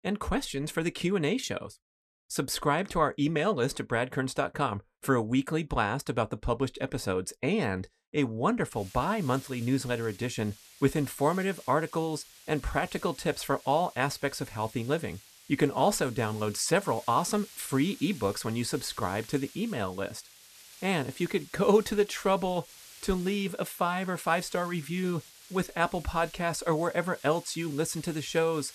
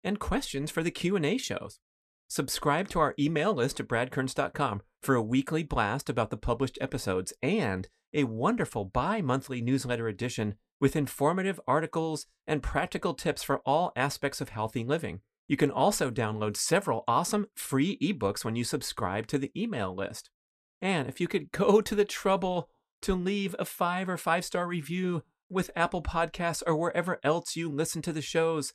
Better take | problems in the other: second | hiss; noticeable; from 9 s on; 20 dB below the speech

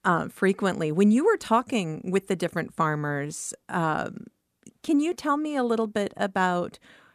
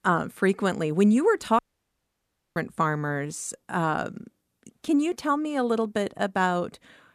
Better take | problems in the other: first | audio cutting out; at 1.5 s for 1 s

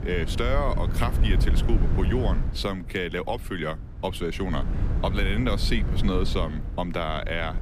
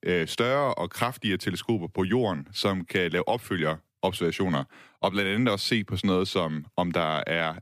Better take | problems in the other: second | wind noise on the microphone; occasional gusts; 10 dB below the speech

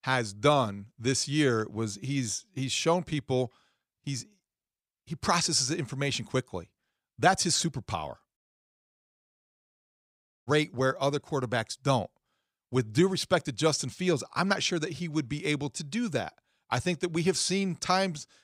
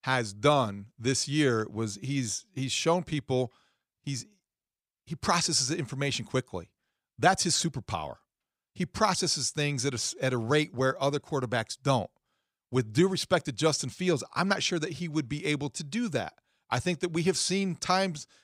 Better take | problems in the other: second | audio cutting out; at 8.5 s for 2 s

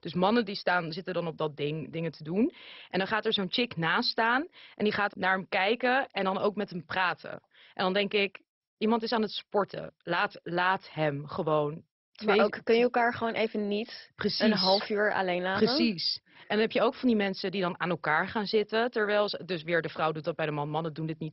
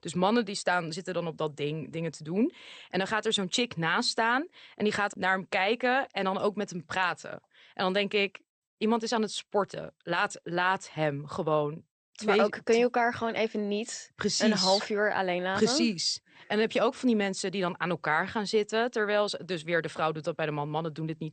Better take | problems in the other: second | garbled, watery; badly; nothing above 5.5 kHz; slightly in the second

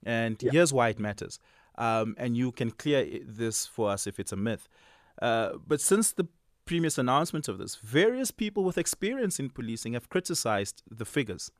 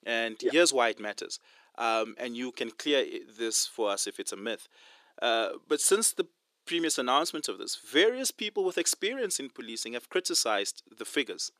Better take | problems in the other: first | thin; somewhat; fading below 300 Hz

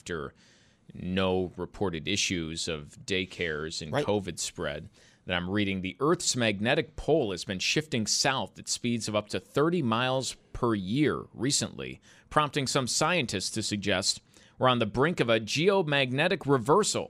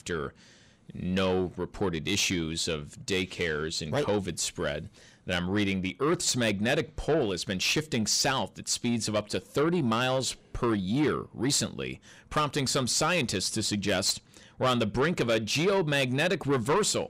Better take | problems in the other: first | distortion; slight; 10 dB below the speech

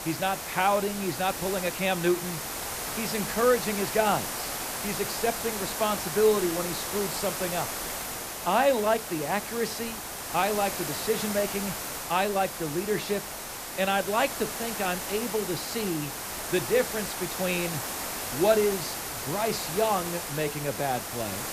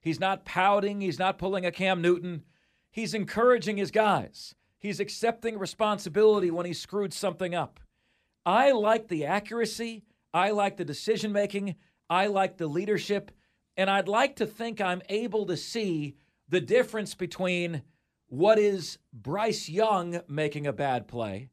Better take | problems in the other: second | hiss; loud; throughout; 4 dB below the speech

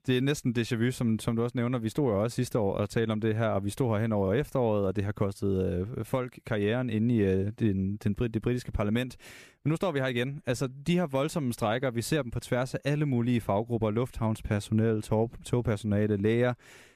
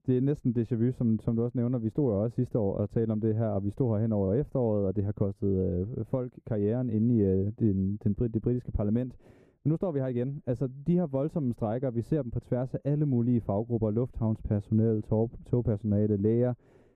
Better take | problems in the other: first | muffled; very; fading above 1 kHz

